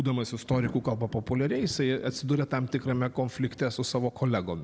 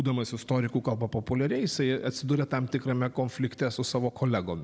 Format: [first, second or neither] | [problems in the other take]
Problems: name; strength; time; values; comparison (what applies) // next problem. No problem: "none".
second | background sound (Thunder); 18 dB below the speech